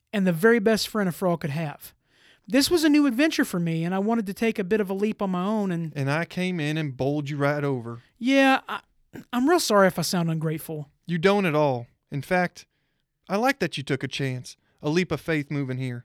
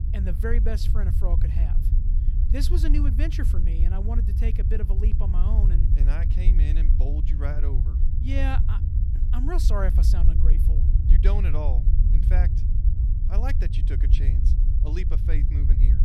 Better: first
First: none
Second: low rumble; loud; throughout; 4 dB below the speech

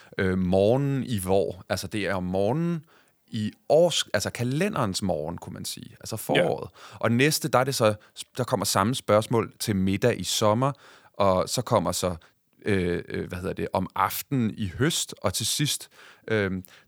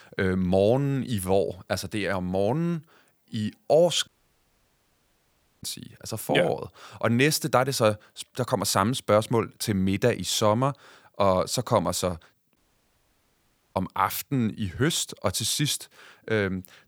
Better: first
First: none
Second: audio cutting out; at 4 s for 1.5 s and at 13 s for 1 s

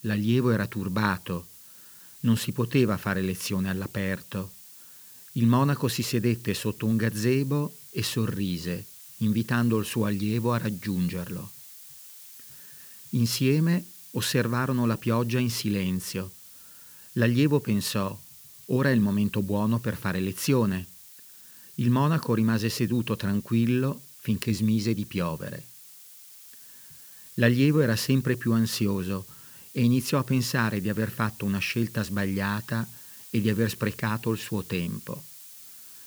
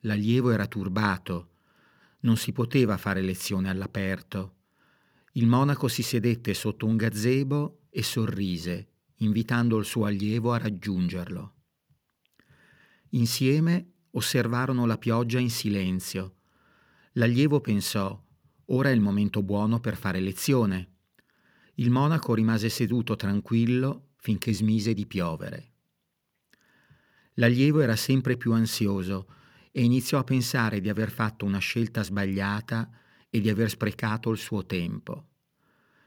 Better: second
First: hiss; noticeable; throughout; 20 dB below the speech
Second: none

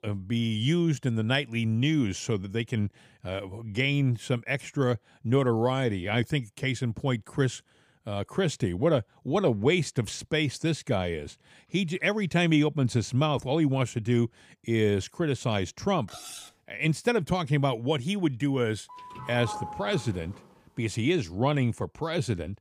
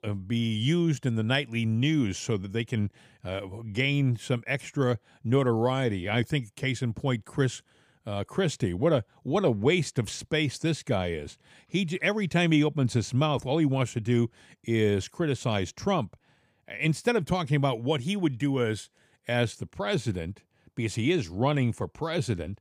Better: second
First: clattering dishes; faint; at 16 s; peak 10 dB below the speech // doorbell; noticeable; from 19 to 20 s; peak 9 dB below the speech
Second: none

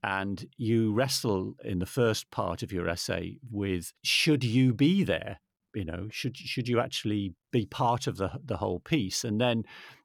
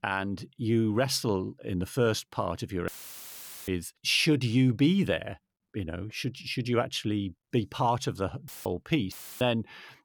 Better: first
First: none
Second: audio cutting out; filled with static; at 3 s for 1 s, at 8.5 s and at 9 s

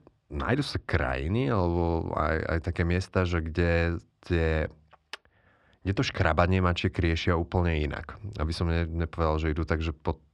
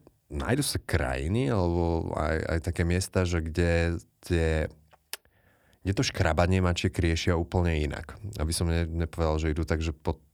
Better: second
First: muffled; very slightly; fading above 3.5 kHz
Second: none

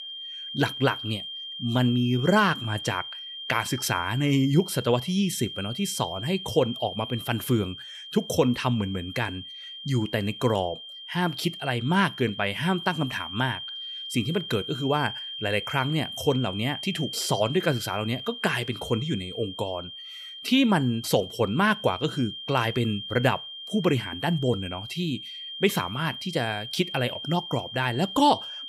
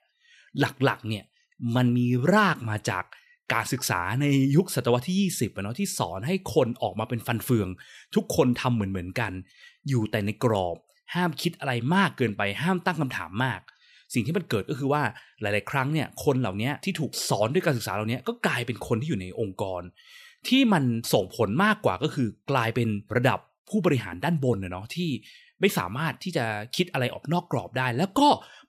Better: second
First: high-pitched whine; loud; throughout; 3 kHz, 9 dB below the speech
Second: none

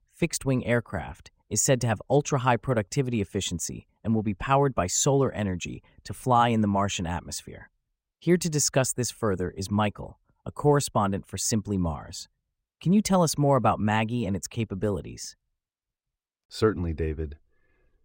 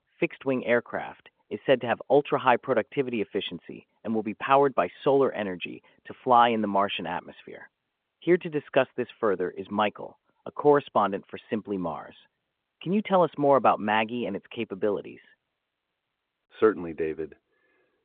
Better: first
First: none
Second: phone-call audio; nothing above 3.5 kHz

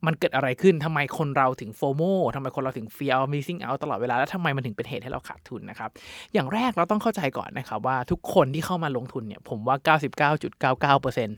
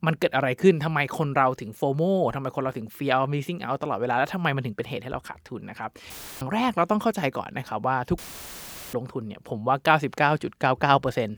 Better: first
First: none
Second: audio cutting out; filled with static; at 6 s and at 8 s for 1 s

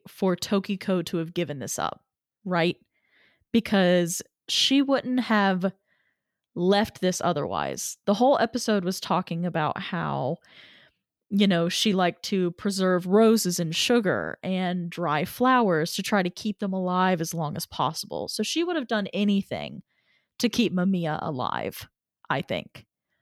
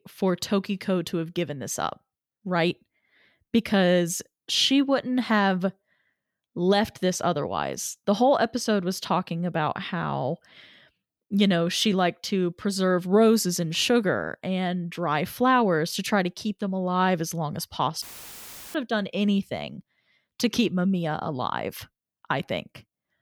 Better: first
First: none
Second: audio cutting out; filled with static; at 18 s for 0.5 s

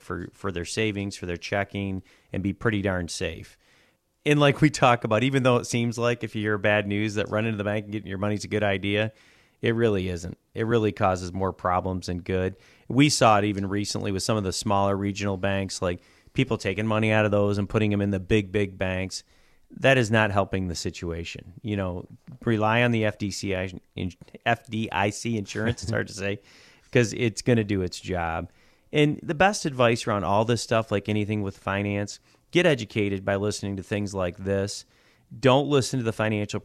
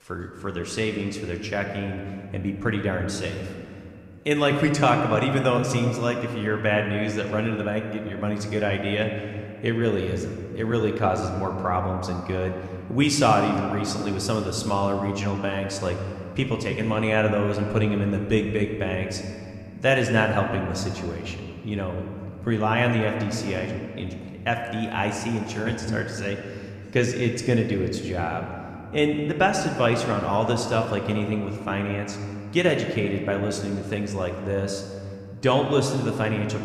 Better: first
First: none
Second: room echo; slight; dies away in 2.2 s

